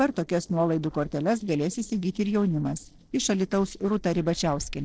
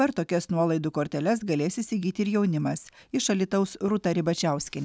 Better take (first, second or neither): second